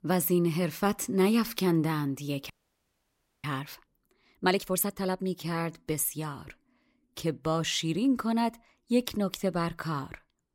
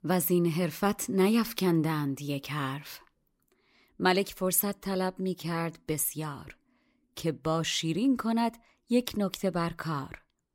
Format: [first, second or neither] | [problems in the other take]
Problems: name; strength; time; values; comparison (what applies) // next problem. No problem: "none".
second | audio freezing; at 2.5 s for 1 s